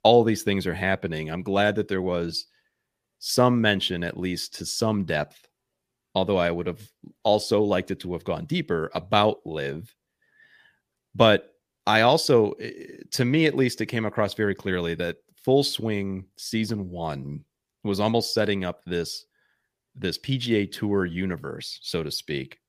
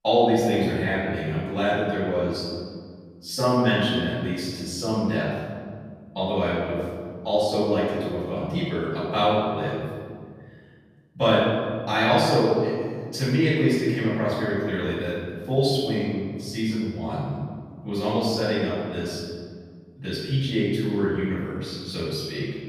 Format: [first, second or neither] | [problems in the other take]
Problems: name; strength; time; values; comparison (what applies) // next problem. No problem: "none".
first | off-mic speech; far // room echo; strong; dies away in 1.8 s